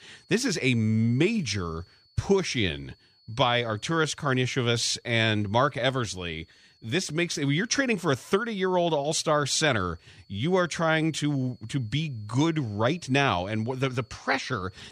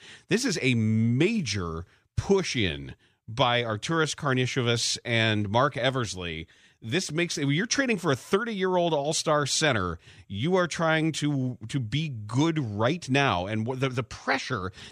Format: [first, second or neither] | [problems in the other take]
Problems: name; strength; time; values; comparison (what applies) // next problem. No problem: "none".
second | high-pitched whine; faint; throughout; 4.5 kHz, 35 dB below the speech